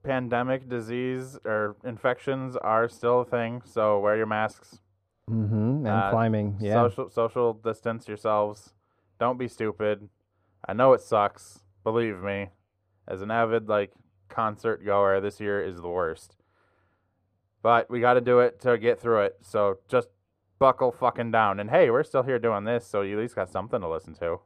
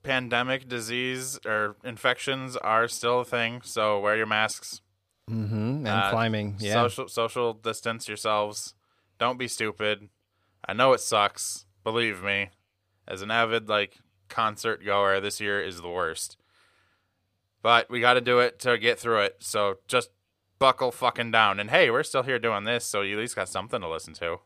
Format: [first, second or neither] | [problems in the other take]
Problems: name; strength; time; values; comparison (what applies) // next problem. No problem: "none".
second | muffled; very; fading above 2 kHz